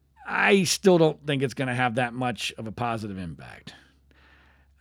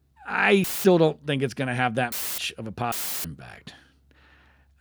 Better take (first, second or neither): first